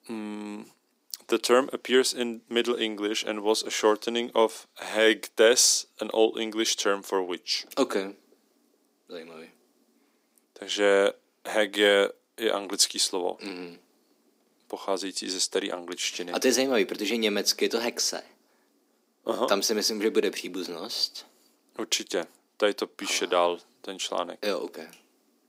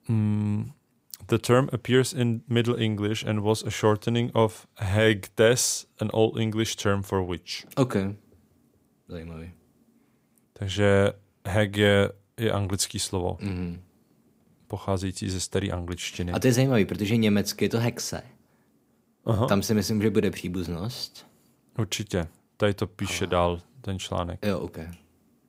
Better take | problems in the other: second | thin; somewhat; fading below 250 Hz

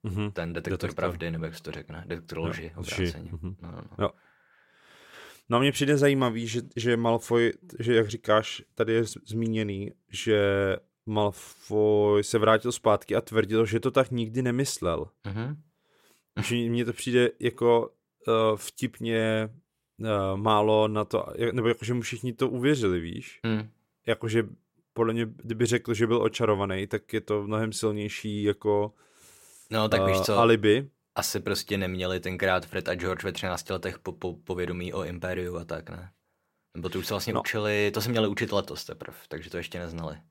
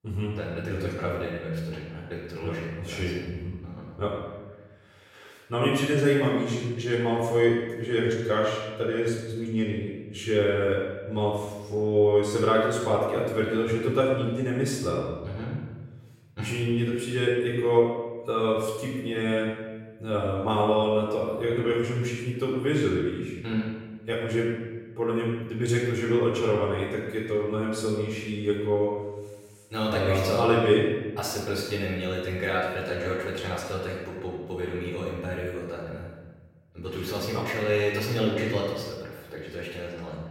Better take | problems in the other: first | off-mic speech; far // room echo; noticeable; dies away in 1.1 s

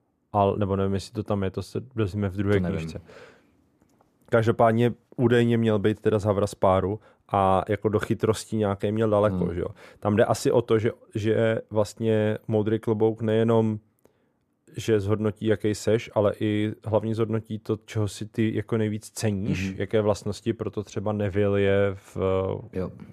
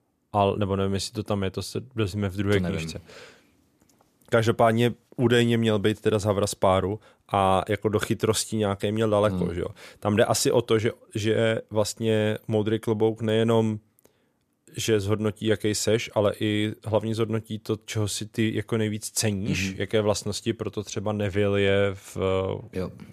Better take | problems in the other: second | muffled; slightly; fading above 2 kHz

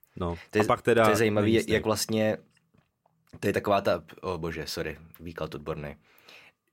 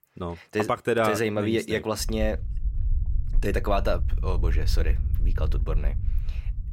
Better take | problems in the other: first | low rumble; faint; from 2 s on; 20 dB below the speech

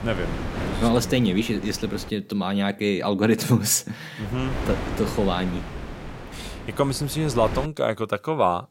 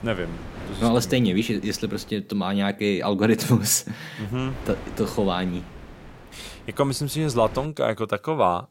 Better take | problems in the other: second | wind noise on the microphone; heavy; until 2 s and from 4 to 7.5 s; 10 dB below the speech; occasional gusts in the second

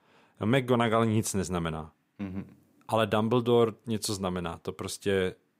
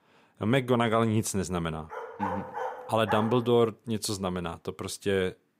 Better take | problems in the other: first | dog barking; noticeable; from 2 to 3.5 s; peak 6 dB below the speech

